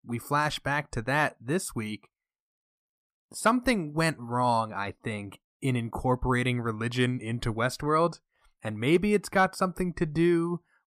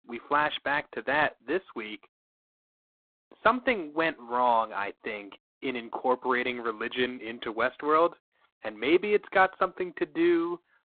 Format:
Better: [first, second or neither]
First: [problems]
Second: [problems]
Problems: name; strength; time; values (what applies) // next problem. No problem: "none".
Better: first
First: none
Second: phone-call audio; poor line